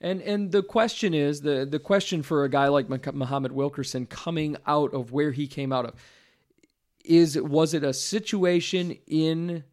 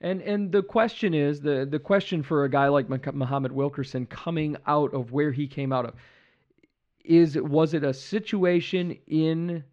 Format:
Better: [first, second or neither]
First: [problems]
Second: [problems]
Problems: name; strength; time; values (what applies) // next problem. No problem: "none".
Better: first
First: none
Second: muffled; slightly; fading above 2.5 kHz